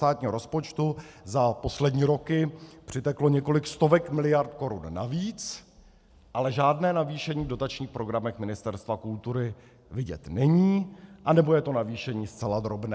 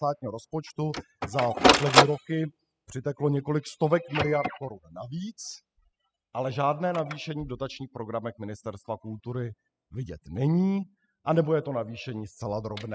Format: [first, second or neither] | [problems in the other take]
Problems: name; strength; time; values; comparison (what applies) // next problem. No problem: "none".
first | noise reduction (classical method spectral subtraction)